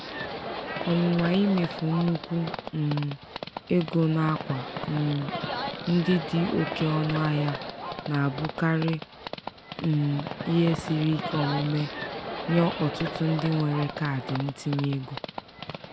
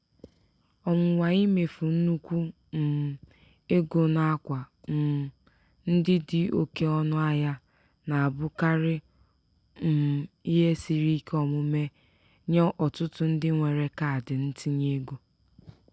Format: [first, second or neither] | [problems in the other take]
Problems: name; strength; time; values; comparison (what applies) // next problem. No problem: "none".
second | background sound (Livestock, farm animals, working animals); 8 dB below the speech